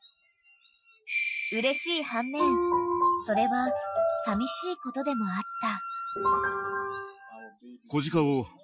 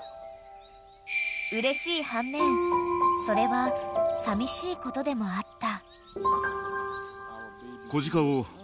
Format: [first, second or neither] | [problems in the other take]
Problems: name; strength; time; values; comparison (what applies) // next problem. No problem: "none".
second | noise reduction (classical method Wiener filter)